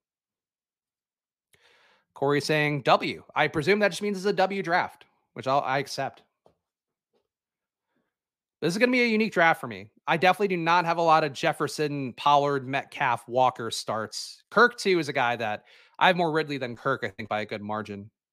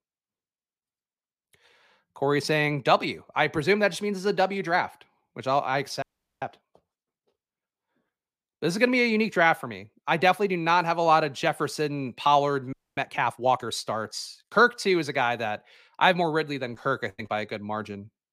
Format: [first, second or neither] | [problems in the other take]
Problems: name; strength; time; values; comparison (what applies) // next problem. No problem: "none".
first | audio freezing; at 6 s and at 13 s